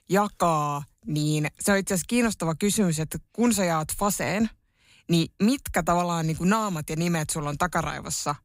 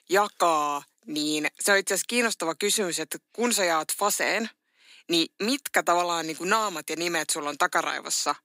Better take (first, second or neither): first